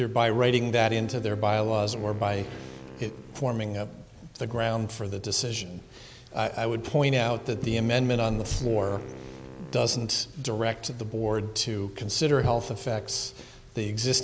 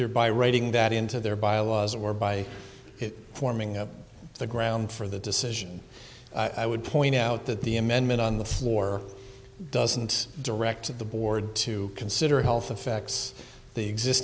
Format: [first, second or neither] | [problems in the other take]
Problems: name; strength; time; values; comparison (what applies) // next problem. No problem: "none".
second | background sound (Wind instrument, woodwind instrument); 17 dB below the speech